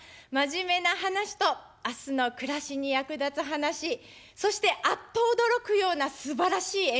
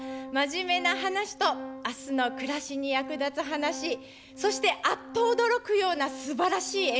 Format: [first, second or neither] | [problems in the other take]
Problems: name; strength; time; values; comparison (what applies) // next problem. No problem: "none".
first | background sound (Organ); 13 dB below the speech